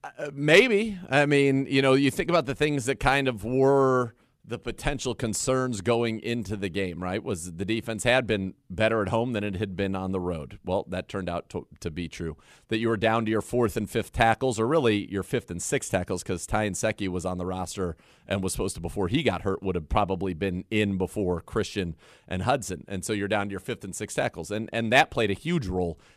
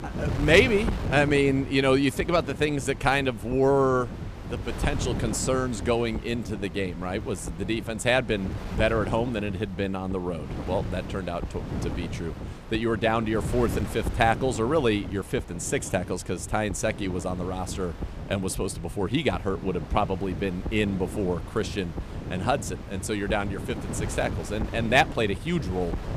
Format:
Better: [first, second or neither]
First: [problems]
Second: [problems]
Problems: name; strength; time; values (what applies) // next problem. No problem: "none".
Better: first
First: none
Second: wind noise on the microphone; occasional gusts; 15 dB below the speech